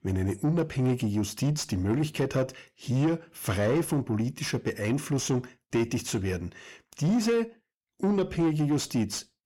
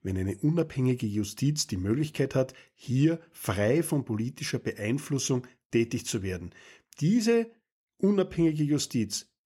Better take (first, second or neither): second